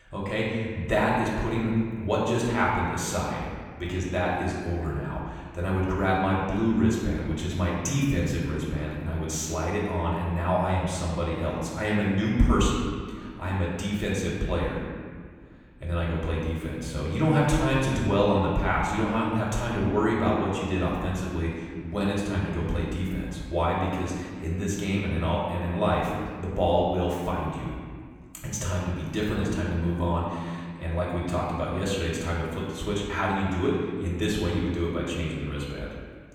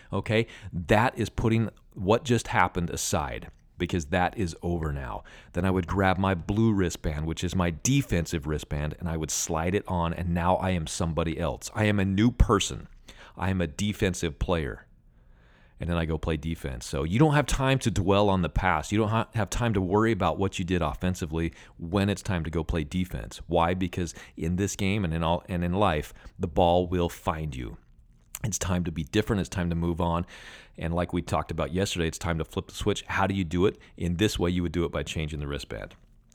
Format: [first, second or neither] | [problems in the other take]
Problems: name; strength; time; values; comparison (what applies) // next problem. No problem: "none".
second | room echo; noticeable; dies away in 1.7 s // off-mic speech; far